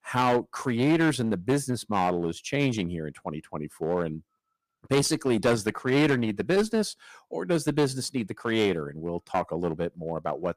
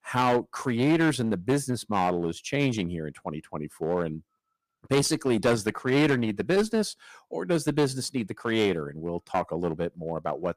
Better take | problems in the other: neither | distortion; slight; 6% of the sound clipped; the same in both

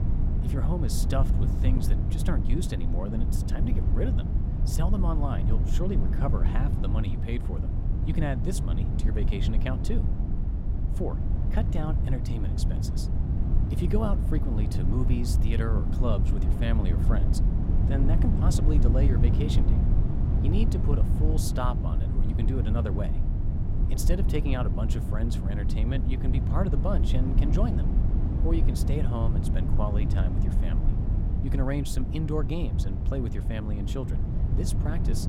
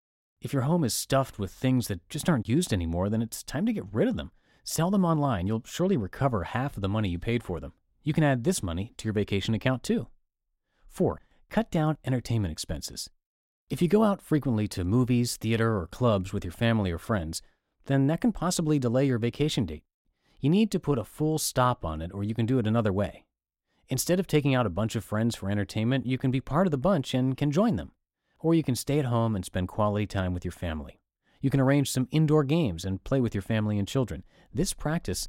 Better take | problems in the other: second | low rumble; loud; throughout; 3 dB below the speech

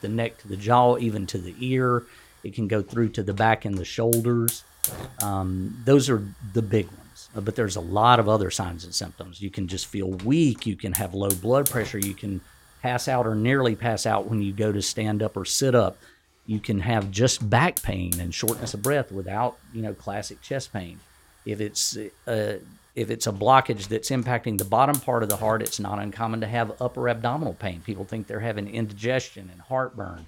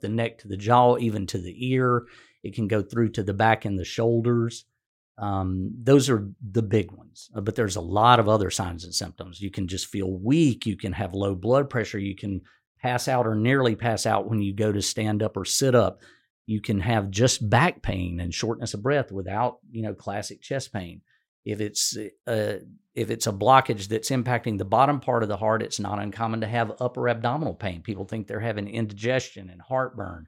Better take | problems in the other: second | hiss; loud; throughout; 5 dB below the speech

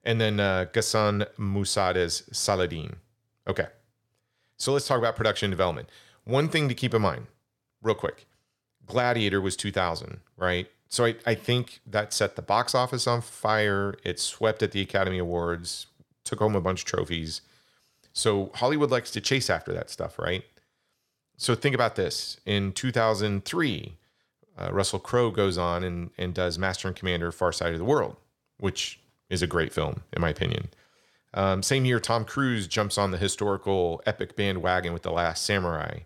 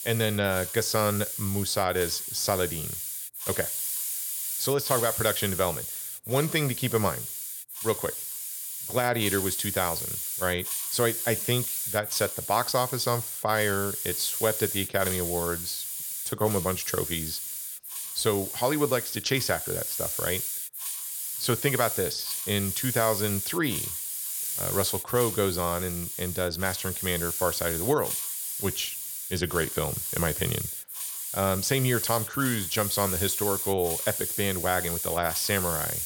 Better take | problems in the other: first | hiss; loud; throughout; 2 dB below the speech

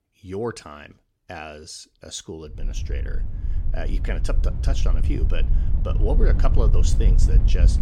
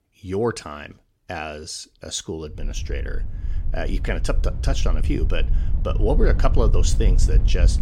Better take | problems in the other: second | wind noise on the microphone; heavy; from 2.5 s on; 7 dB below the speech; occasional gusts in the second

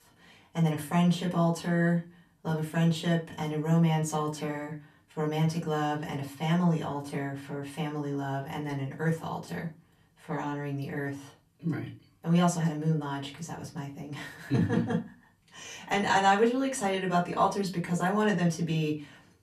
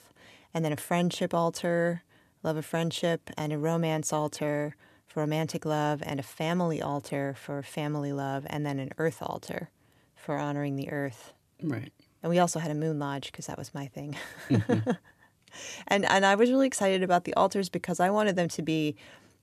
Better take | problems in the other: second | off-mic speech; far // room echo; very slight; dies away in 0.3 s

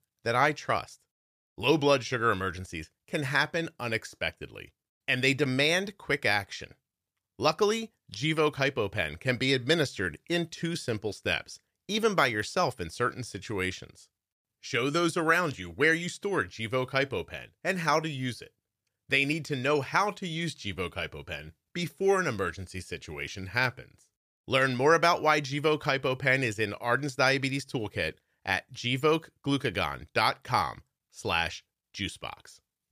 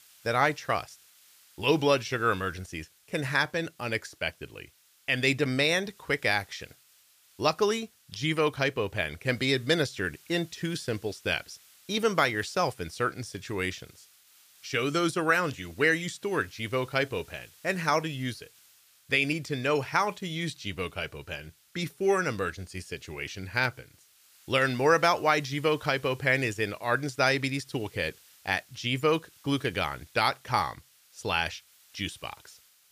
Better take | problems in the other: first | hiss; faint; throughout; 30 dB below the speech

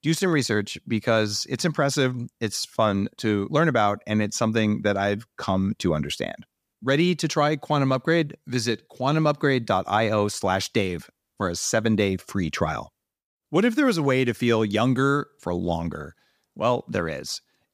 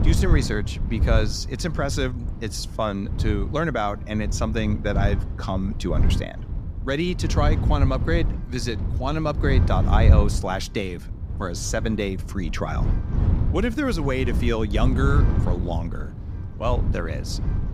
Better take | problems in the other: first | wind noise on the microphone; occasional gusts; 10 dB below the speech

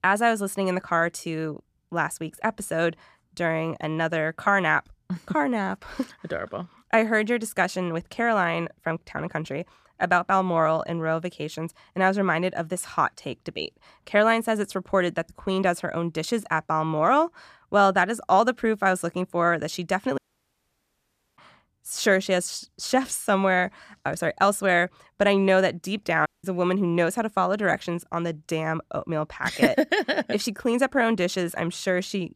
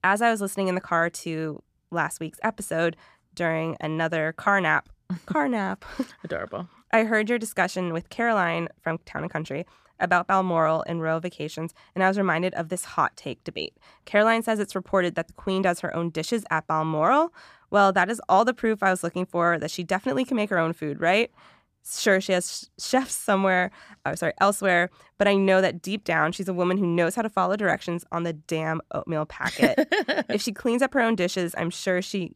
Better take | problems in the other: second | audio cutting out; at 20 s for 1 s and at 26 s

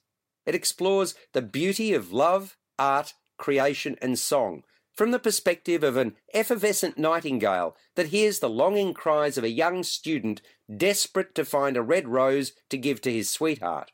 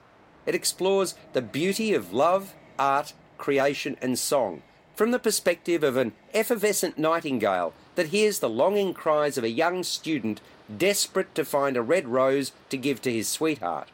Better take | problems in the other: first | train or aircraft noise; faint; throughout; 30 dB below the speech

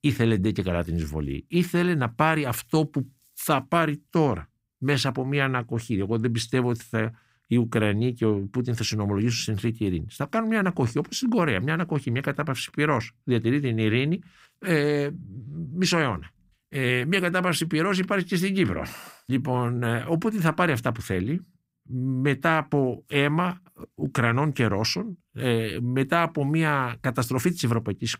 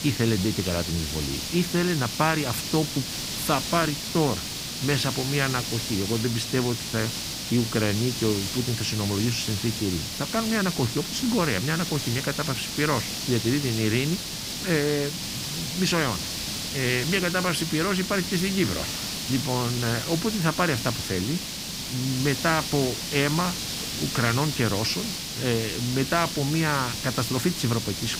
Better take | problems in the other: first | hiss; loud; throughout; 3 dB below the speech

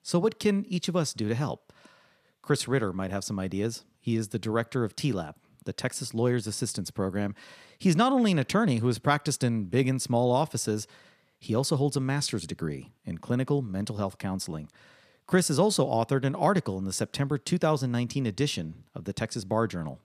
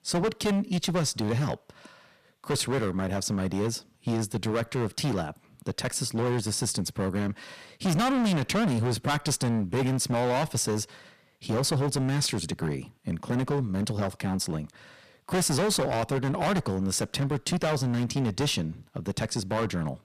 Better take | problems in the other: first | distortion; heavy; 17% of the sound clipped

